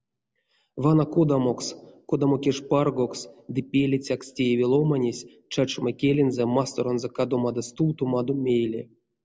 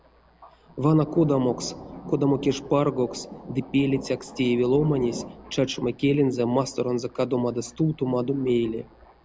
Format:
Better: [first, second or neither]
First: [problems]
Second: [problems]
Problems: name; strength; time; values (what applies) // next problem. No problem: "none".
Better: first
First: none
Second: background sound (Thunder); 17 dB below the speech